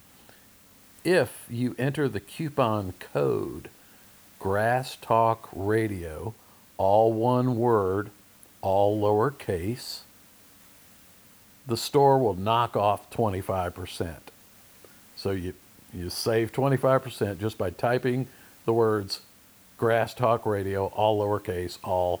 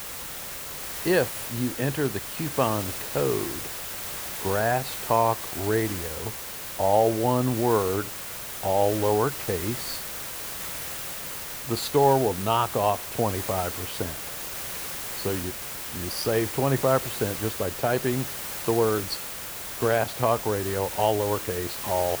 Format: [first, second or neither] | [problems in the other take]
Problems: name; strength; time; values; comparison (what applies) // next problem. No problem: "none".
first | hiss; loud; throughout; 6 dB below the speech; faint in the first